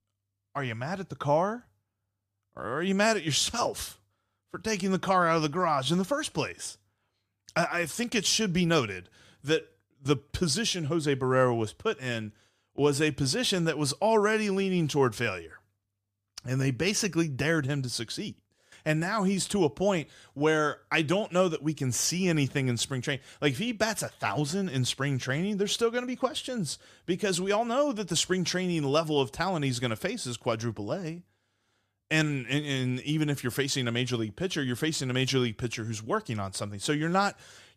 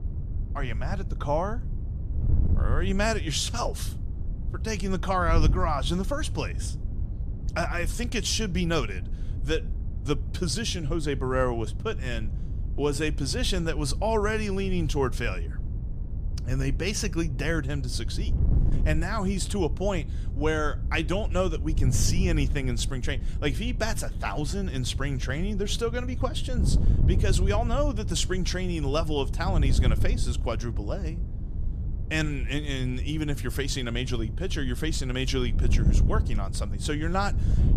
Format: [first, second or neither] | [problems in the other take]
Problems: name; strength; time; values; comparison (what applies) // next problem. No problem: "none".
first | wind noise on the microphone; occasional gusts; 15 dB below the speech